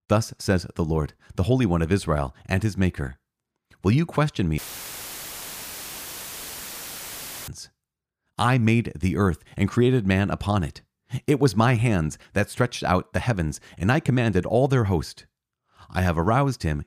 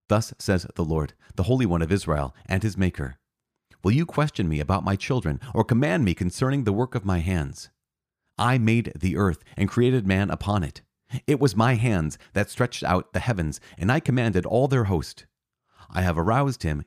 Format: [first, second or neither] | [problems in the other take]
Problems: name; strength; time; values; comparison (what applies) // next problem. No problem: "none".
second | audio cutting out; filled with static; at 4.5 s for 3 s